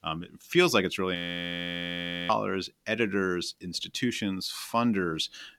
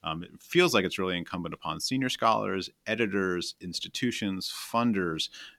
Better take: second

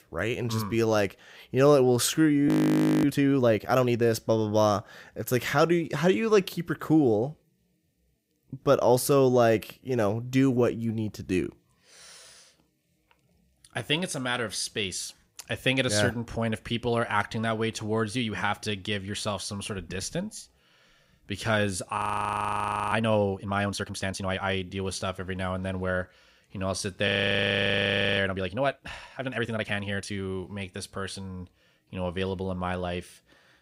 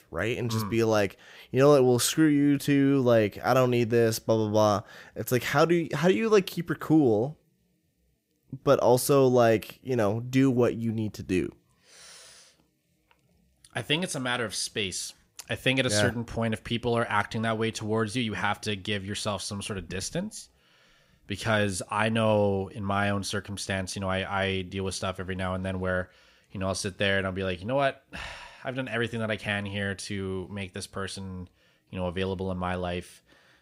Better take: second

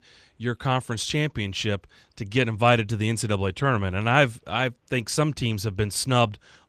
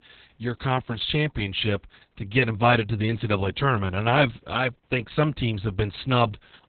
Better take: first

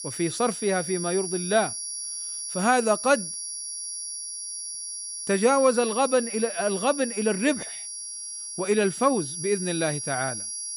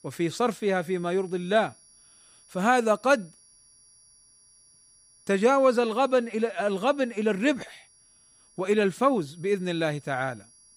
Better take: second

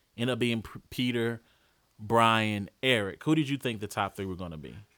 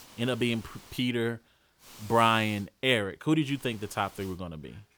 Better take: first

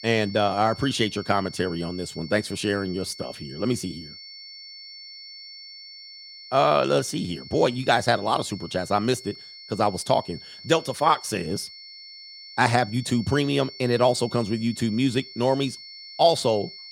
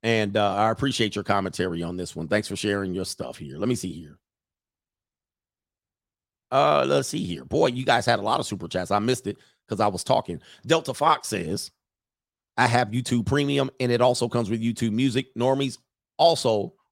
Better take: second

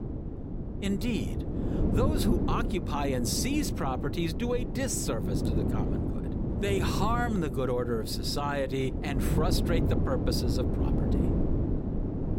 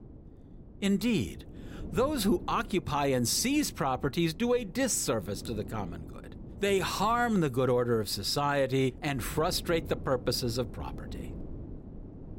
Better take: second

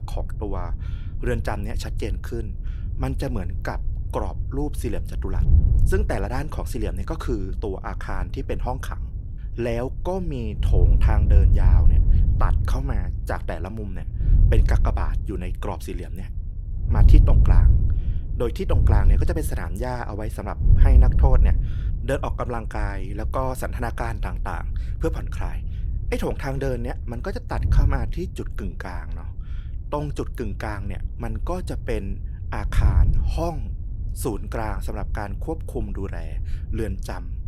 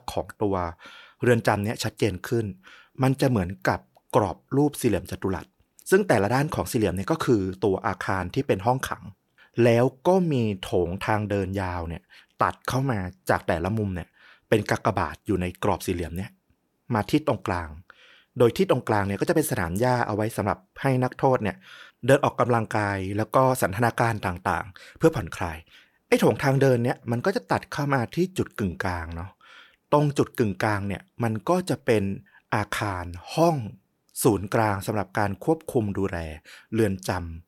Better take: second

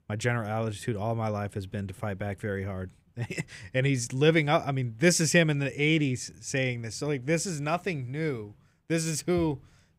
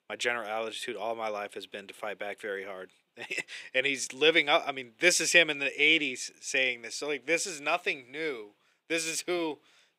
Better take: first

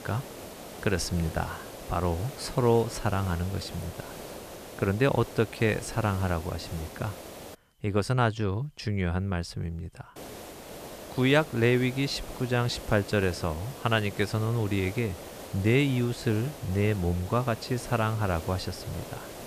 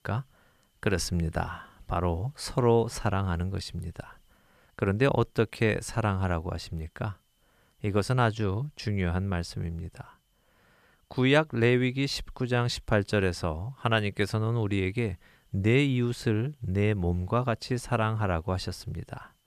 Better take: second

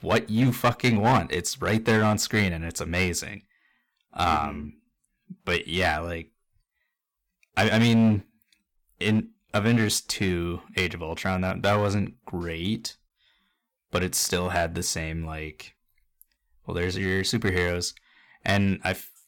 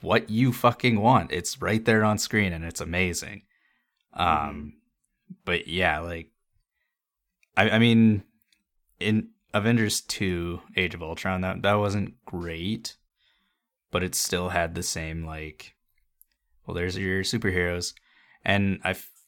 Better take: second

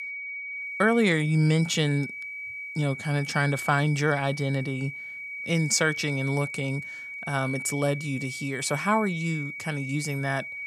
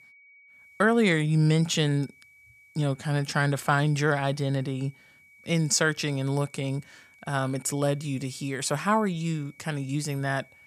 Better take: second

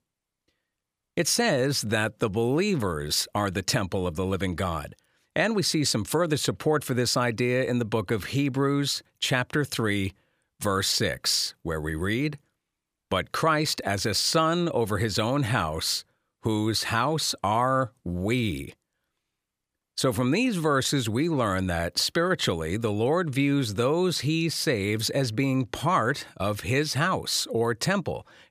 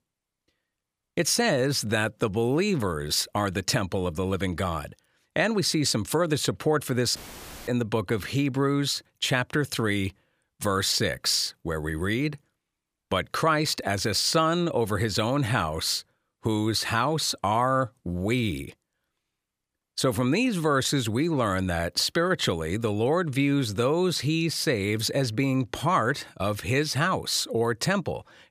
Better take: first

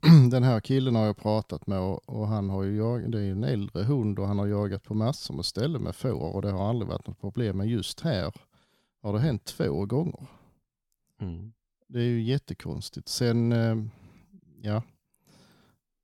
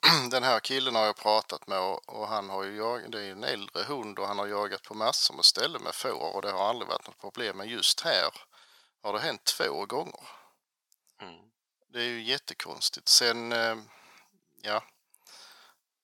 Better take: first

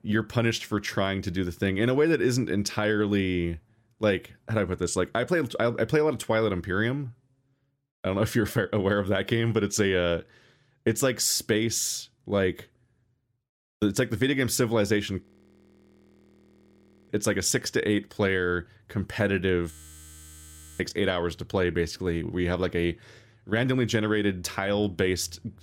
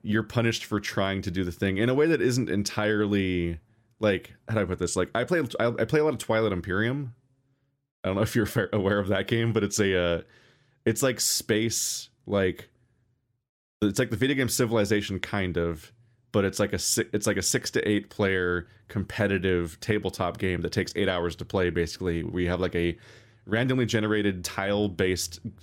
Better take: second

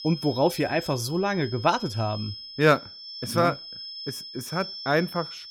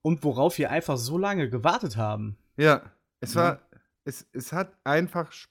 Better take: second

